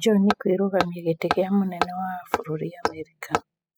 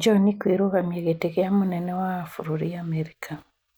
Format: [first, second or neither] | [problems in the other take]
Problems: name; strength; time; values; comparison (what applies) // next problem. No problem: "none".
second | noise reduction (classical method spectral subtraction)